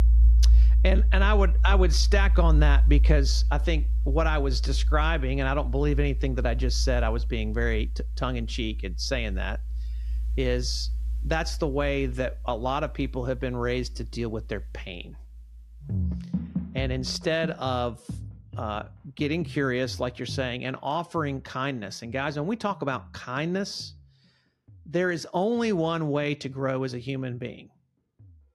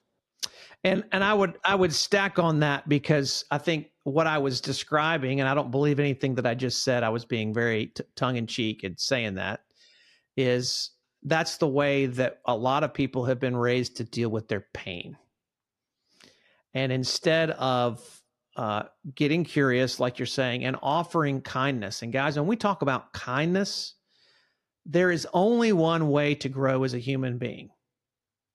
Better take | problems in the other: second | background music; very loud; throughout; 2 dB above the speech

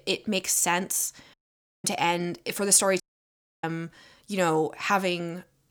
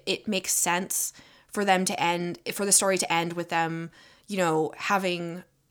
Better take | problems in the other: second | audio cutting out; at 1.5 s for 0.5 s and at 3 s for 0.5 s

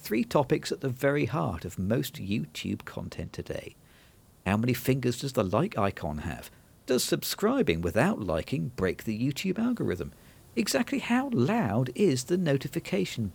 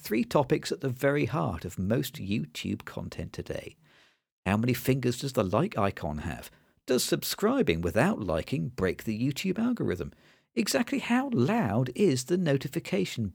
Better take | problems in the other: second | hiss; faint; throughout; 30 dB below the speech

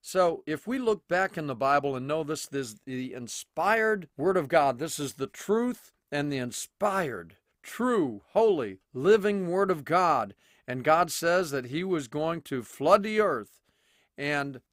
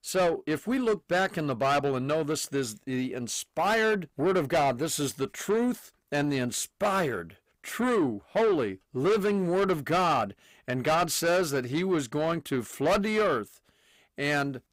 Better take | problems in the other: first | distortion; heavy; 8 dB below the speech

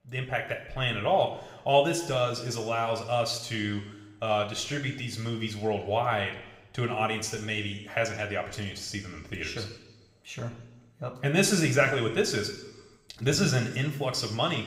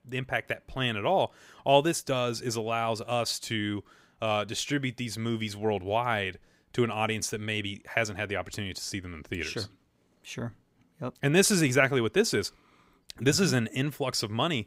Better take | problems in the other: second | room echo; slight; dies away in 0.9 s // off-mic speech; somewhat distant

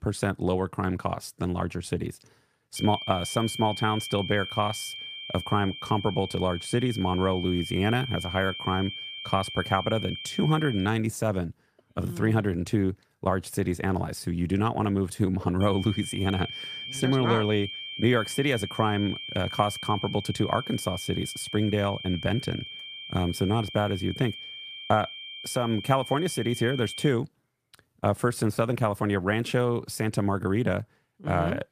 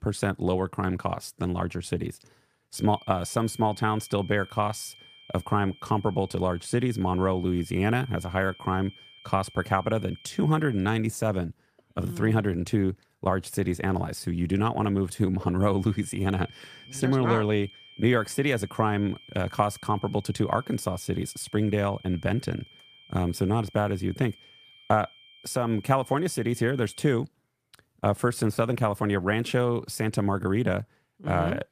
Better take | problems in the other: second | high-pitched whine; loud; from 3 to 11 s and from 16 to 27 s; 3 kHz, 9 dB below the speech; faint in the second

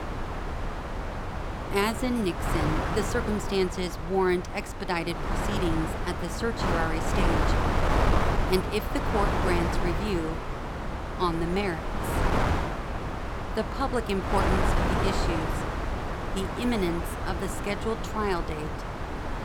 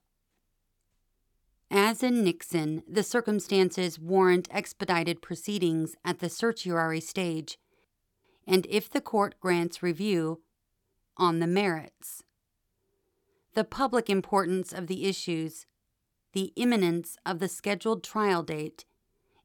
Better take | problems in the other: second | wind noise on the microphone; heavy; as loud as the speech

